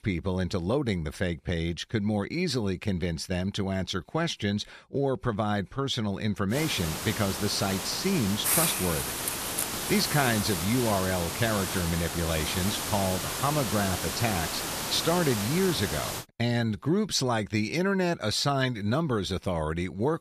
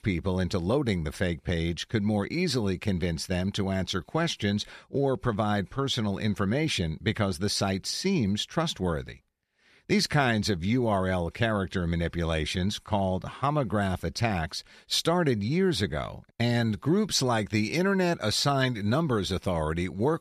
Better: second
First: hiss; loud; from 6.5 to 16 s; 2 dB below the speech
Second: none

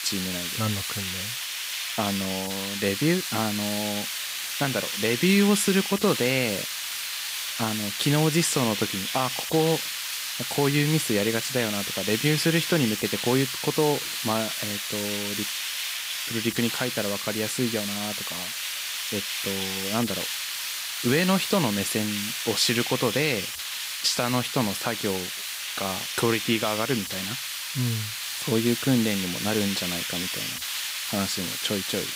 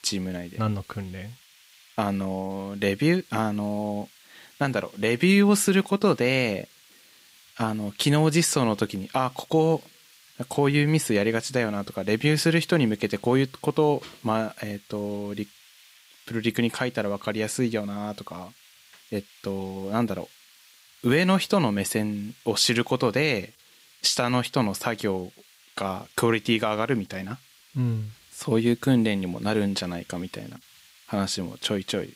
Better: second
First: hiss; loud; throughout; 2 dB below the speech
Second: hiss; faint; throughout; 25 dB below the speech

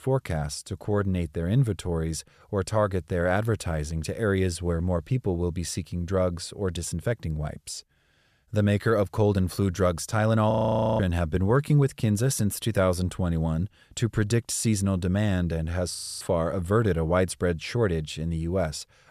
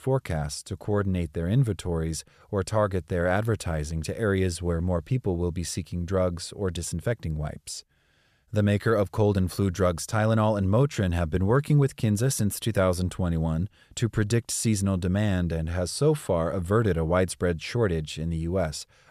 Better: second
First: audio freezing; at 11 s and at 16 s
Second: none

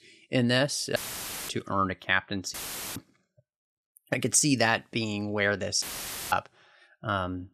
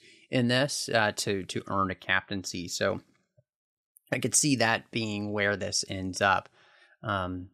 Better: second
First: audio cutting out; filled with static; at 1 s for 0.5 s, at 2.5 s and at 6 s for 0.5 s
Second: none

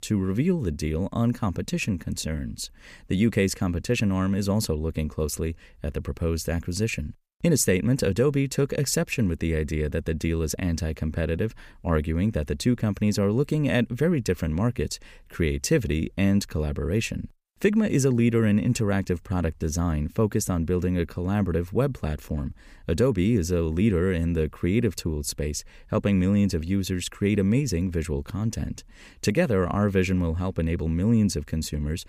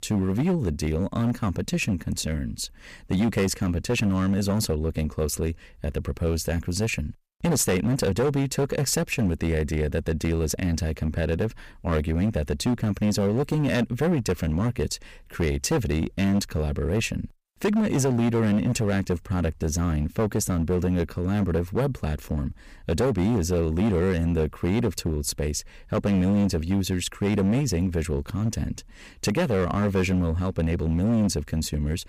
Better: first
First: none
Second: distortion; slight; 11% of the sound clipped

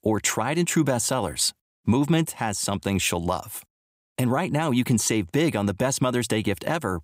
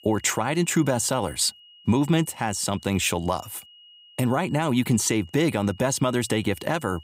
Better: first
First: none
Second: high-pitched whine; faint; throughout; 3 kHz, 25 dB below the speech

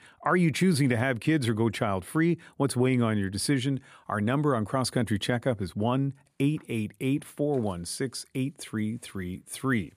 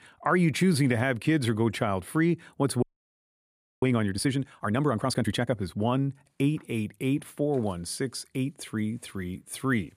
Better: first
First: none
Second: audio freezing; at 3 s for 1 s

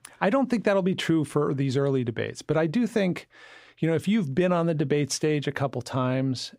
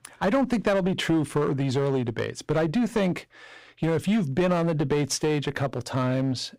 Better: first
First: none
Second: distortion; slight; 9% of the sound clipped

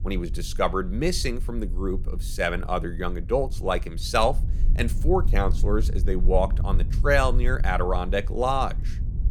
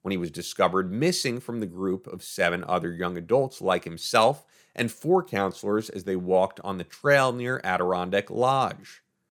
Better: second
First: low rumble; faint; throughout; 20 dB below the speech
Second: none

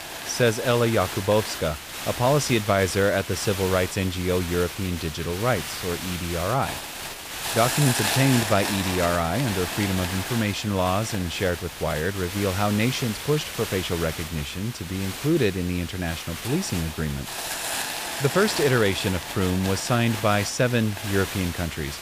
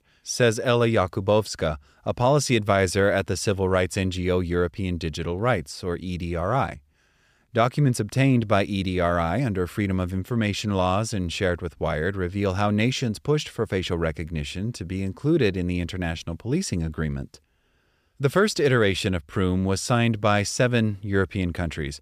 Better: second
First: hiss; loud; throughout; 6 dB below the speech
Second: none

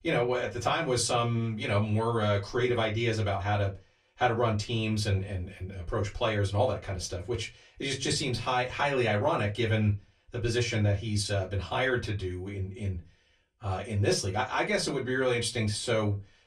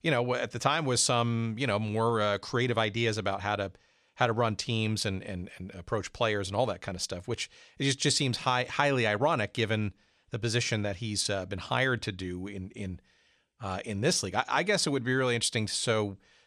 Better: second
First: off-mic speech; far // room echo; very slight; dies away in 0.2 s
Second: none

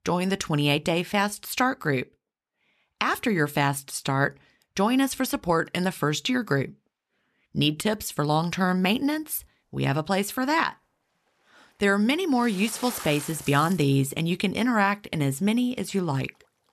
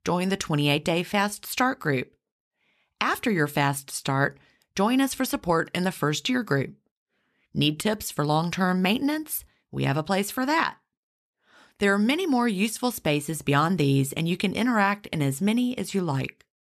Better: second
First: rain or running water; noticeable; throughout; 15 dB below the speech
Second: none

